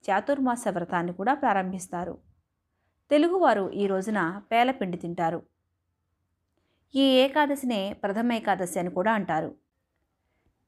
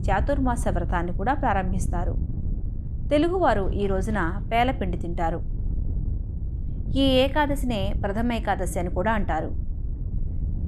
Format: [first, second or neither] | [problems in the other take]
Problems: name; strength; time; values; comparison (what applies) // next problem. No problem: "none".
first | wind noise on the microphone; occasional gusts; 20 dB below the speech